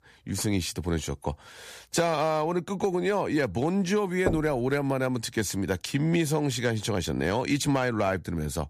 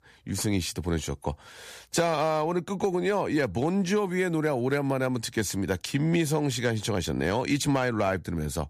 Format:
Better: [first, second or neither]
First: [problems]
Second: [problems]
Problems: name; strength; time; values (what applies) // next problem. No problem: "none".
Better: second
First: door banging; noticeable; at 4.5 s; peak 4 dB below the speech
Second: none